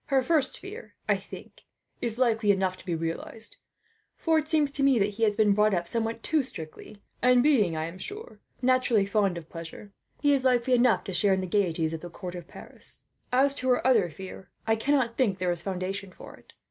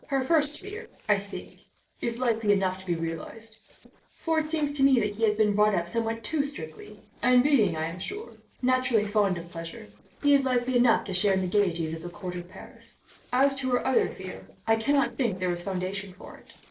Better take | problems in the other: first | noise reduction (neural separator model SepFormer DNS4)

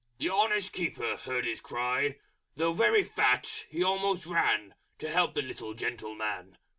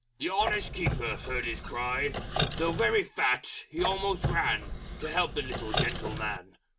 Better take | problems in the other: first | background sound (Squeak); 2 dB below the speech

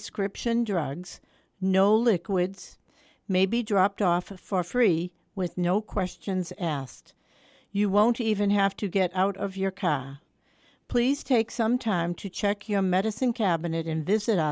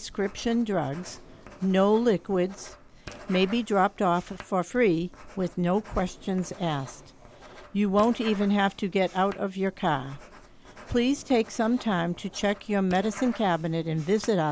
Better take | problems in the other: first | background sound (Writing); 19 dB below the speech

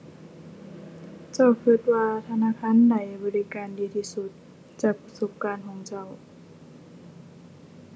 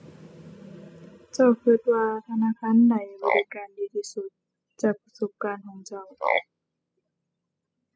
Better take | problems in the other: first | noise reduction (classical method spectral subtraction)

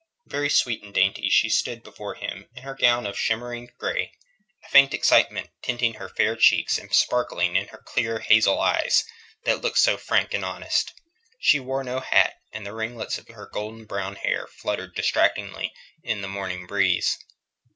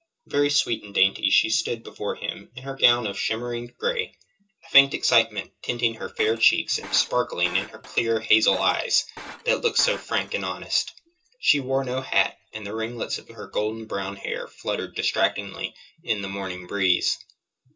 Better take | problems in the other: first | background sound (Shatter); 17 dB below the speech // room echo; dies away in 0.2 s

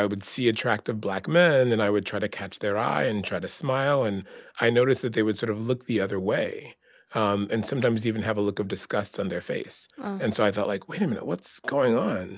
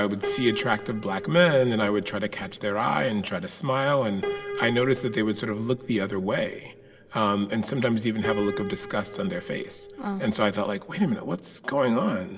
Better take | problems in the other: first | background sound (Piano); 13 dB below the speech // room echo; dies away in 2.8 s

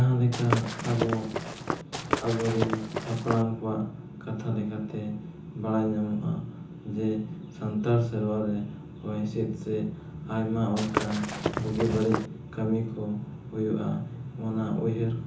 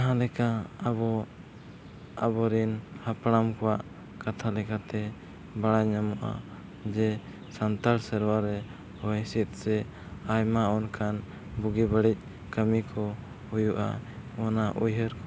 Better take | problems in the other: second | background sound (Walk, footsteps / Run); 3 dB below the speech // room echo; dies away in 0.7 s

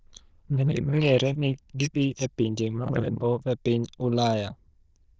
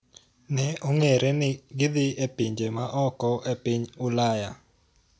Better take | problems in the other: second | noise reduction (neural diffusion model UNIVERSE++)

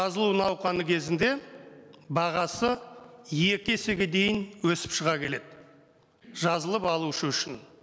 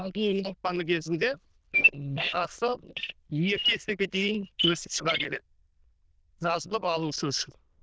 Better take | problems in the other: first | noise reduction (neural diffusion model UNIVERSE++)

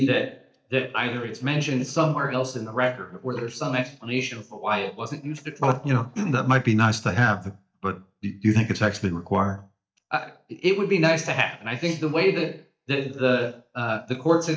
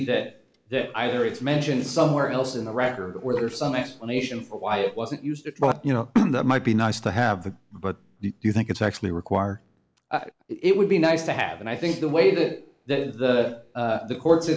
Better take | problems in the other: second | noise reduction (neural mask model DeepFilterNet 3)

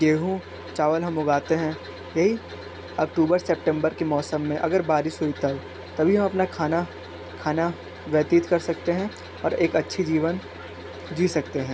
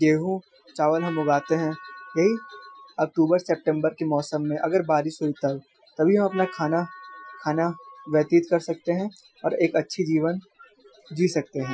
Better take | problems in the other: first | noise reduction (classical method Wiener filter)

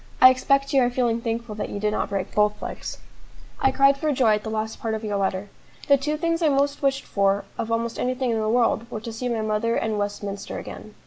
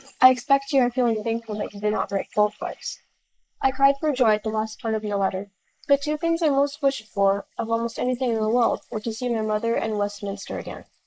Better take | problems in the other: first | noise reduction (neural mask model Resemble Enhance denoiser)

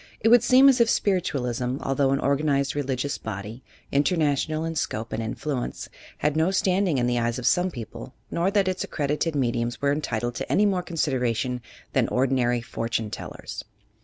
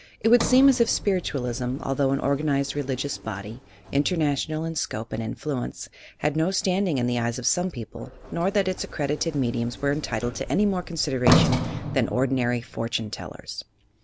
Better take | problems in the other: first | background sound (Sliding door); 7 dB below the speech

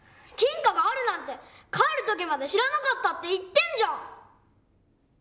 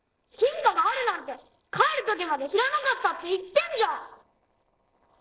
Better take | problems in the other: first | noise reduction (neural separator model SepFormer DNS4)

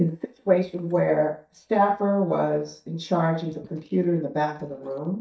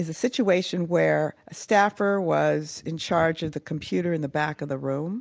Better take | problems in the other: second | noise reduction (neural mask model DeepFilterNet 3)

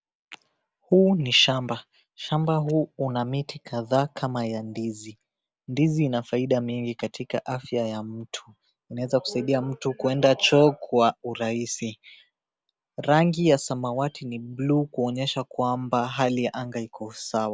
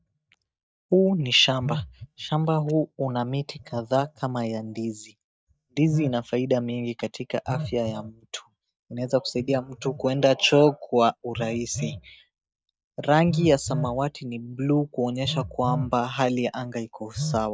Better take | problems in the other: first | noise reduction (neural mask model DeepFilterNet 3)

